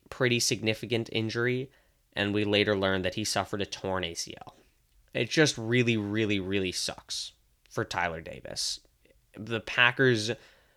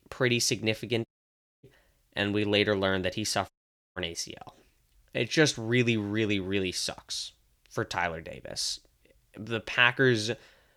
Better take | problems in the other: first | audio cutting out; at 1 s for 0.5 s and at 3.5 s

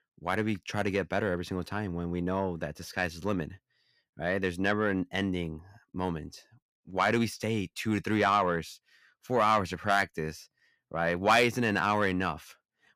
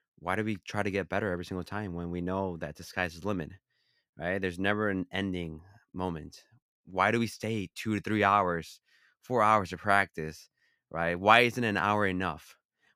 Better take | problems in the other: second | distortion; slight; 10 dB below the speech

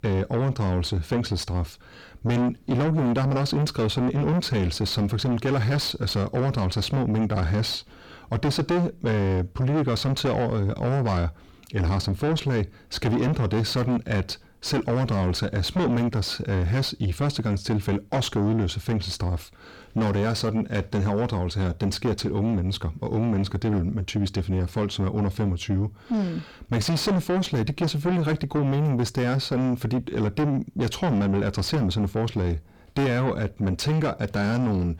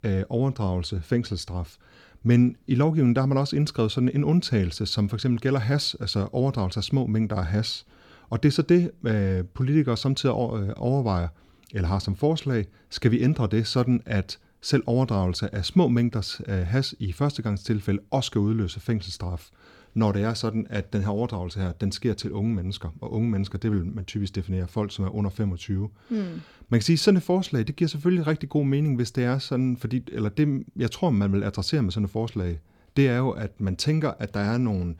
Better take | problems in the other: second | distortion; heavy; 5 dB below the speech

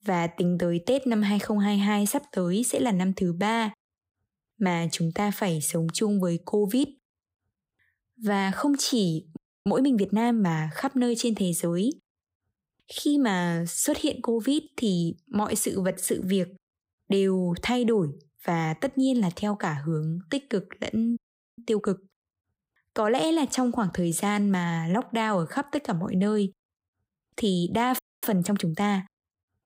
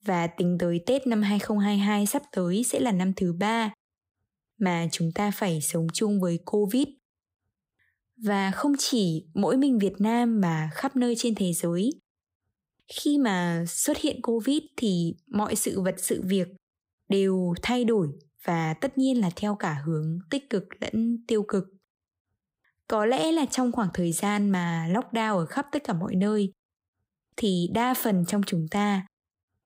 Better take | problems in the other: second | audio freezing; at 9.5 s, at 21 s and at 28 s

